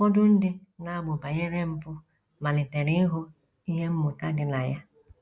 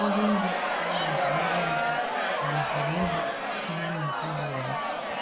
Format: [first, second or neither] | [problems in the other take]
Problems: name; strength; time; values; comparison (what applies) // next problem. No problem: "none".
first | background sound (Crowd); 5 dB above the speech